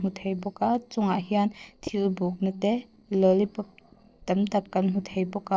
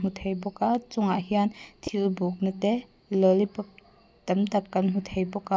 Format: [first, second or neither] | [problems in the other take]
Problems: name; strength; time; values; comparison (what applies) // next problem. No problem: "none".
second | noise reduction (neural separator model SepFormer DNS4)